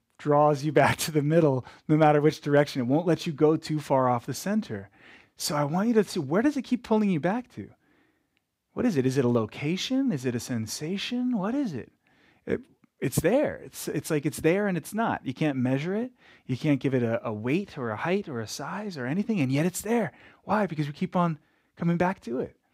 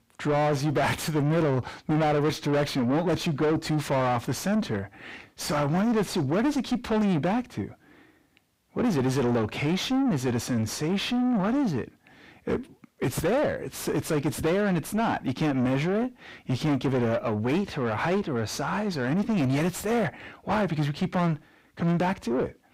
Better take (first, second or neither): first